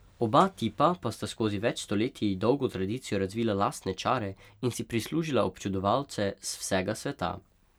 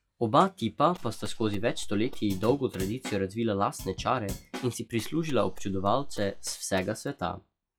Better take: first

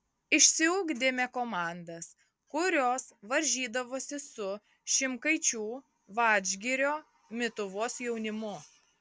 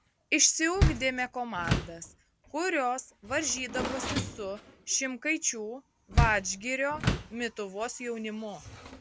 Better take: first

